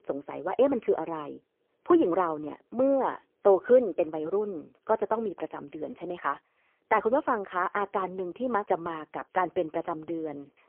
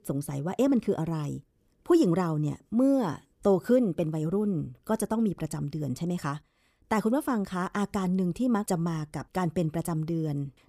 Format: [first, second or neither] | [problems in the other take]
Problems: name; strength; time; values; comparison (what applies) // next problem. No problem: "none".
second | phone-call audio; poor line; nothing above 3 kHz